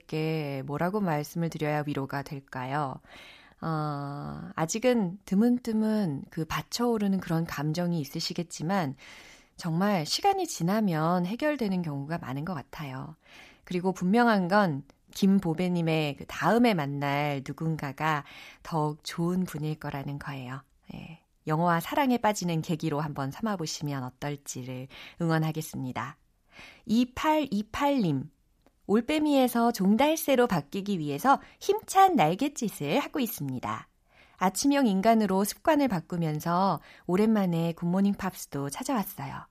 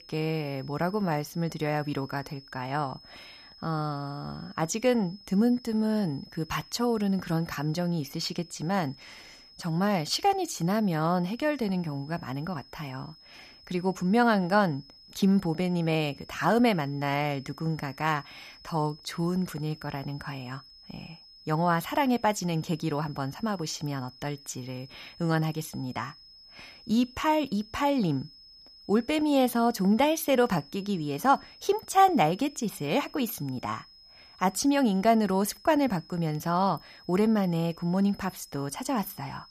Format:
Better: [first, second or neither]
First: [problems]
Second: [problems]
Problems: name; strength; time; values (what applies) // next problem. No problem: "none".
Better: first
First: none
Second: high-pitched whine; faint; throughout; 5 kHz, 20 dB below the speech